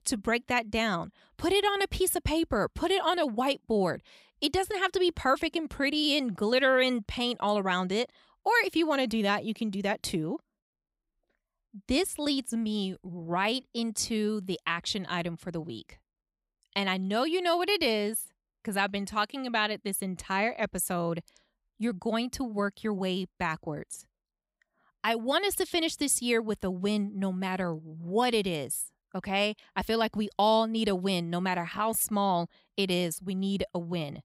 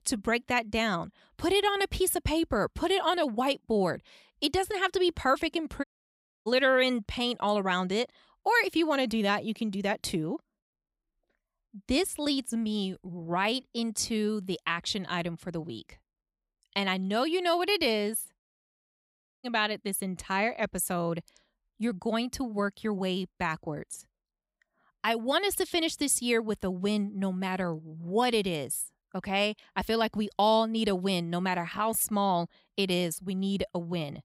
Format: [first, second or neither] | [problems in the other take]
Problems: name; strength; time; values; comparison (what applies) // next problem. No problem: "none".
first | audio cutting out; at 6 s for 0.5 s and at 18 s for 1 s